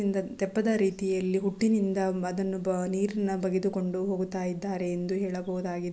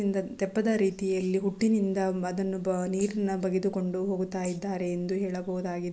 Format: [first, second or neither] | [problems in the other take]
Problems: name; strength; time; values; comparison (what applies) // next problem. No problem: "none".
first | noise reduction (neural mask model Resemble Enhance denoiser)